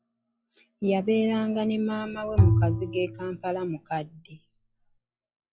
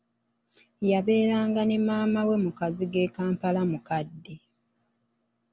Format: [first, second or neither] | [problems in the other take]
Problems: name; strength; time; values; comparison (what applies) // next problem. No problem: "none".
second | noise reduction (classical method log-MMSE)